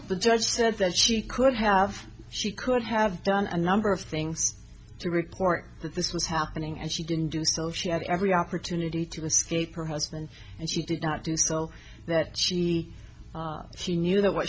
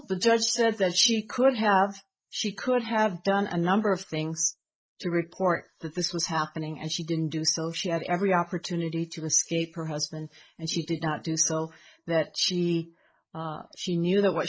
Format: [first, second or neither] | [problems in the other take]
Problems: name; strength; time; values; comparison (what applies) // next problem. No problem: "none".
first | noise reduction (neural mask model Resemble Enhance denoiser)